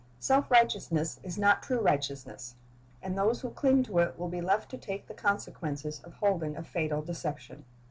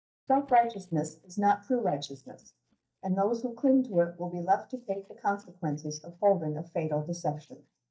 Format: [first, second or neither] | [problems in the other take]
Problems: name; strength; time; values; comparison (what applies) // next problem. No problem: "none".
first | noise reduction (neural mask model DeepFilterNet 3)